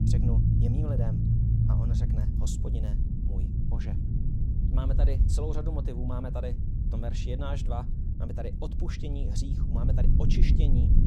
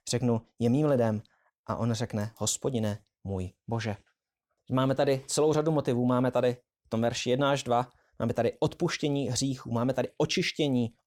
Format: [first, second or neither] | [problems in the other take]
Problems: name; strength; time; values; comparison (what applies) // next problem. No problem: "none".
second | low rumble; loud; throughout; 1 dB below the speech